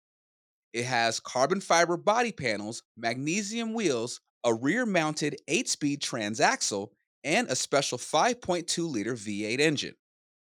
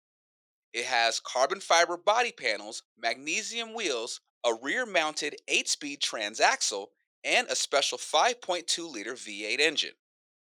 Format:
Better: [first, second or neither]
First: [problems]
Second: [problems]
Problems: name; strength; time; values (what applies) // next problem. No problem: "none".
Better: first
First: none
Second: thin; somewhat; fading below 550 Hz